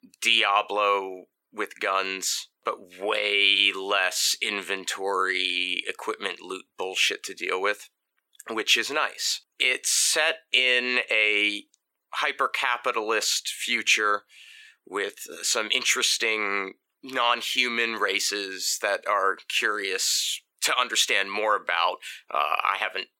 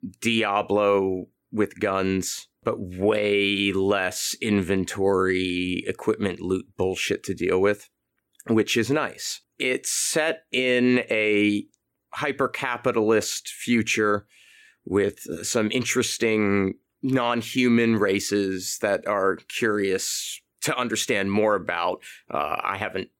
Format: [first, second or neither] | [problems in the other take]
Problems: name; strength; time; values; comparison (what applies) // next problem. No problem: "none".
second | thin; very; fading below 750 Hz